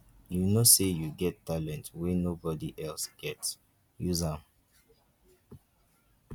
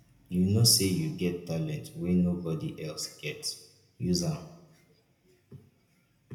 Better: first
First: none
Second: room echo; dies away in 0.7 s

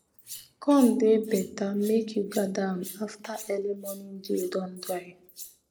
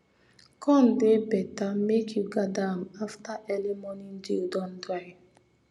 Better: second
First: noise reduction (neural mask model Resemble Enhance denoiser)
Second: none

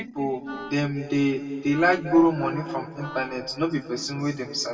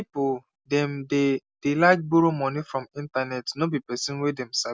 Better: second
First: background sound (Wind instrument, woodwind instrument); 18 dB below the speech // room echo; dies away in 2.2 s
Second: none

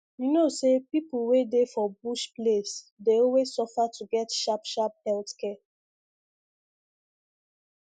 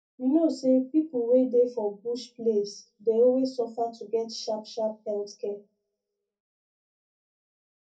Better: first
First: none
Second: room echo; dies away in 0.3 s

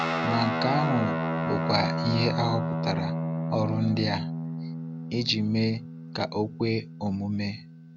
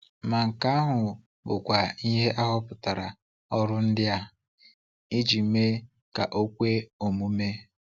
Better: second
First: background sound (Guitar); 1 dB below the speech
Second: none

